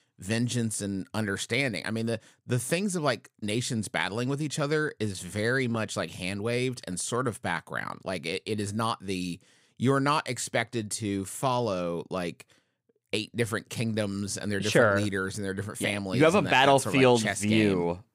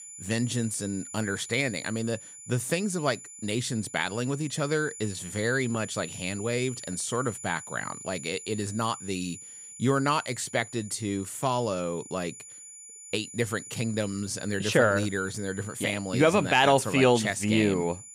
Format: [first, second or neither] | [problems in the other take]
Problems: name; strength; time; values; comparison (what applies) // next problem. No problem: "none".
first | high-pitched whine; noticeable; throughout; 7 kHz, 15 dB below the speech